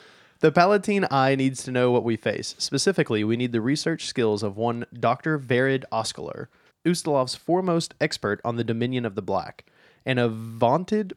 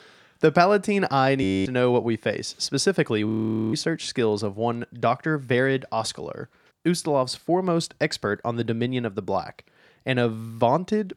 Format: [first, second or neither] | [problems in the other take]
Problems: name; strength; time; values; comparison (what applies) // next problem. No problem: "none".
first | audio freezing; at 1.5 s and at 3.5 s